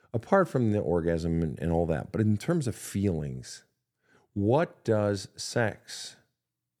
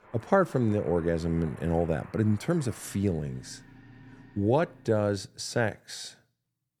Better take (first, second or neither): first